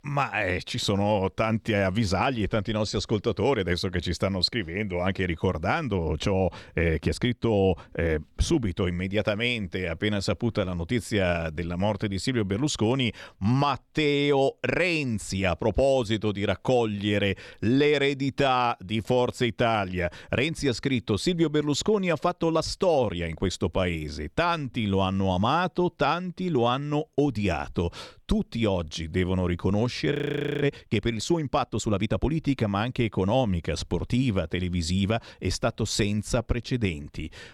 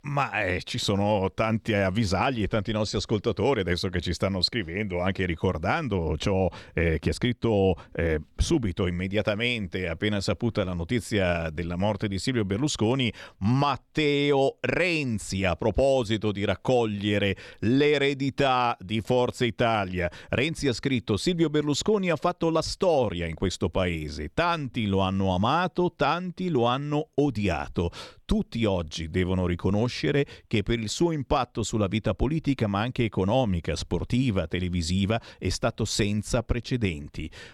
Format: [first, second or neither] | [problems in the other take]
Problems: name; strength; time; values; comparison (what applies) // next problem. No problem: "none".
second | audio freezing; at 30 s